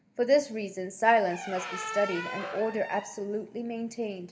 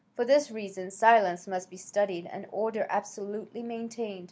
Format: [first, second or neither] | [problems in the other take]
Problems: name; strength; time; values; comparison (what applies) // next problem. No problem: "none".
second | background sound (Squeak); 11 dB below the speech // room echo; dies away in 2.1 s